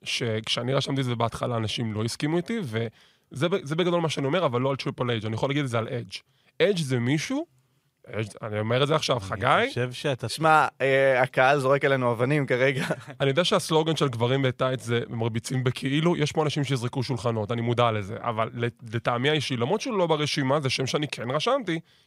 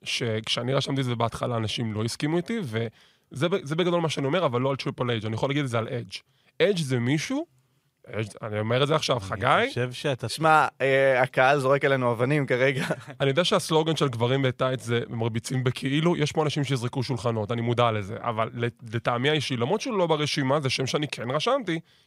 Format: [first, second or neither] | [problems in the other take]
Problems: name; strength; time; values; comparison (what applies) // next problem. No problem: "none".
neither | none